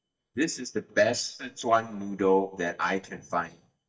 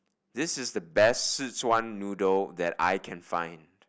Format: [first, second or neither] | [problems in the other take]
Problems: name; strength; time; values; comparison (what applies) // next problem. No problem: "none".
second | noise reduction (neural mask model DeepFilterNet 3)